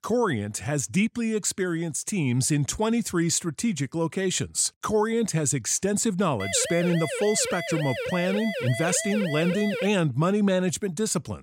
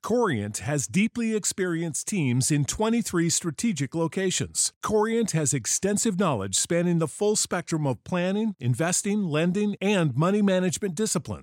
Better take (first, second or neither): second